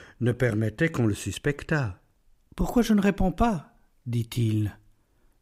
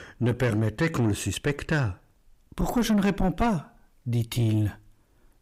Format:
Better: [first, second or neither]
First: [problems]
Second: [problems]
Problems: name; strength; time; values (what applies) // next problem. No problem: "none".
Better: first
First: none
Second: distortion; slight; 10 dB below the speech